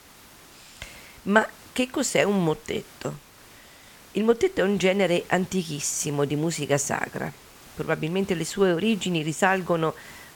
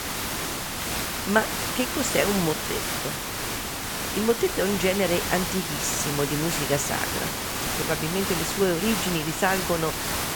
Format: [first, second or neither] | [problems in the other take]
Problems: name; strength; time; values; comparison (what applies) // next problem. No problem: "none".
first | hiss; loud; throughout; 1 dB below the speech; faint in the first